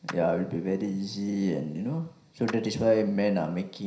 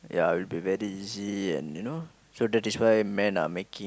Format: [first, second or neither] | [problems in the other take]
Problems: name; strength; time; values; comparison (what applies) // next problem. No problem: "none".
second | background sound (Clapping); 19 dB below the speech // room echo; dies away in 0.5 s